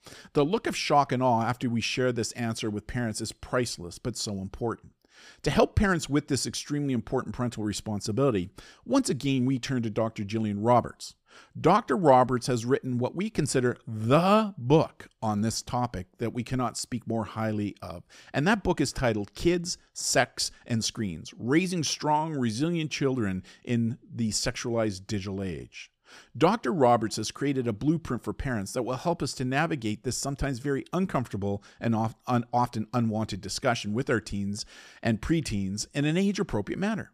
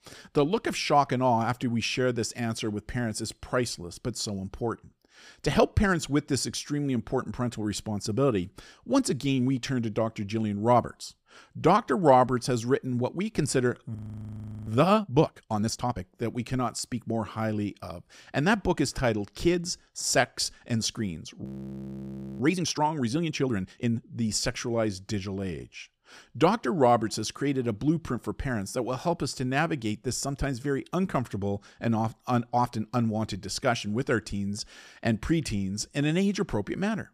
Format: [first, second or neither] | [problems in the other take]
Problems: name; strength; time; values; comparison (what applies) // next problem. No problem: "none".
first | audio freezing; at 14 s for 0.5 s and at 21 s for 1 s